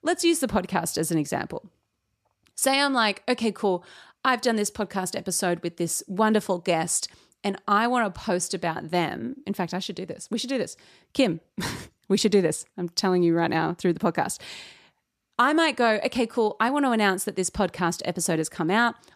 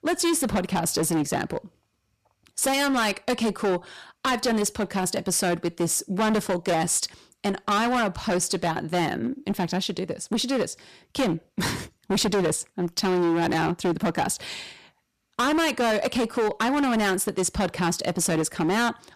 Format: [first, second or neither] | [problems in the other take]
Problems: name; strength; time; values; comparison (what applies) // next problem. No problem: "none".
first | distortion; heavy; 17% of the sound clipped